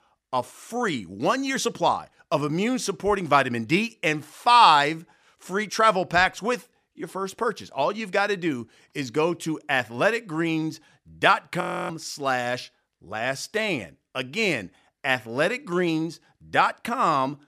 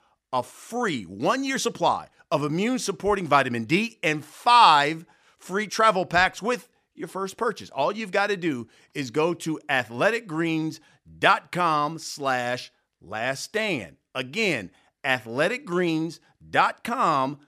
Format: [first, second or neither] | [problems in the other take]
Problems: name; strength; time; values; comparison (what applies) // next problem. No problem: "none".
second | audio freezing; at 12 s